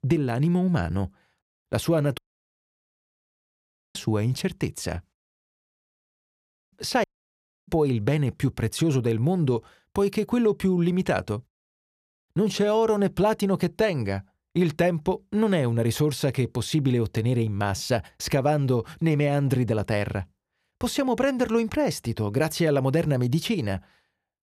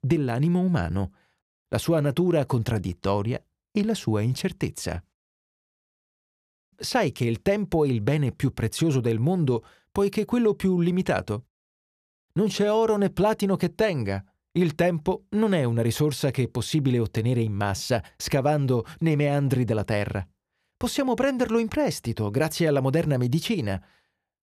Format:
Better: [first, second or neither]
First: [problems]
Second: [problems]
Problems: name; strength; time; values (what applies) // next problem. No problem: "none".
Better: second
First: audio cutting out; at 2 s for 2 s and at 7 s for 0.5 s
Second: none